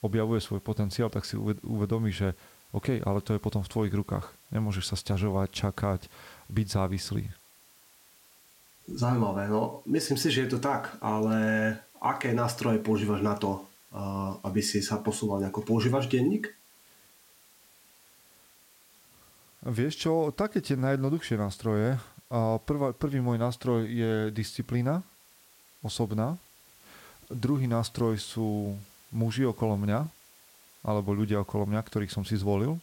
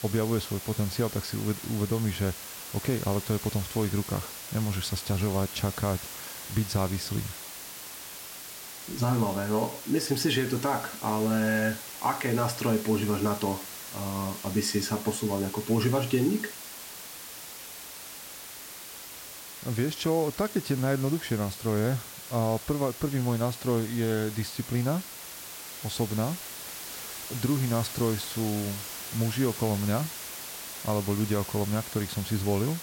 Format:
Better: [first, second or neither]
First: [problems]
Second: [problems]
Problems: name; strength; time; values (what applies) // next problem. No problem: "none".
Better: first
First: hiss; faint; throughout; 25 dB below the speech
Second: hiss; loud; throughout; 9 dB below the speech